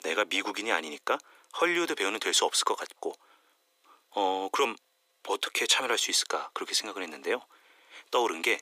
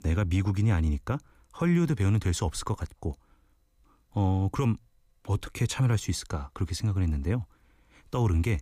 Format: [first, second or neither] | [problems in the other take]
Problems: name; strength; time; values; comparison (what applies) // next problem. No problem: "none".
second | thin; very; fading below 400 Hz